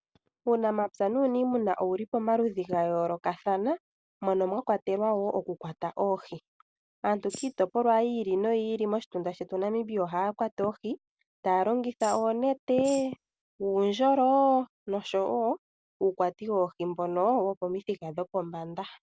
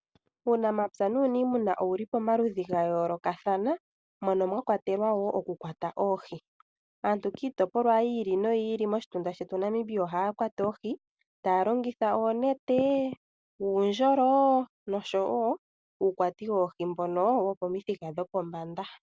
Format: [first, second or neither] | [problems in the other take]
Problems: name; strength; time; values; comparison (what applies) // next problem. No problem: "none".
second | background sound (Tambourine); 17 dB below the speech